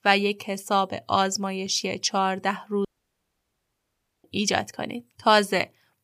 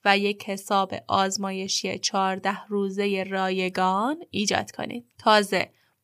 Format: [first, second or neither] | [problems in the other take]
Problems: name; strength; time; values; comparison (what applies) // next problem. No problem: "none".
second | audio cutting out; at 3 s for 1.5 s